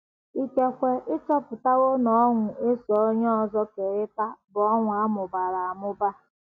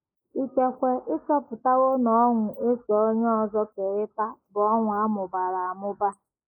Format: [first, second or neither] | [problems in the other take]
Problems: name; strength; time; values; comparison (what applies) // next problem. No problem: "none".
first | noise reduction (neural mask model Resemble Enhance denoiser)